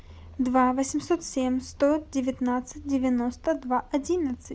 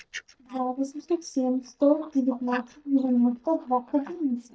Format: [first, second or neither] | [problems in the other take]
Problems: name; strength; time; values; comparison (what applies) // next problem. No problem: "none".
first | noise reduction (neural mask model DeepFilterNet 3)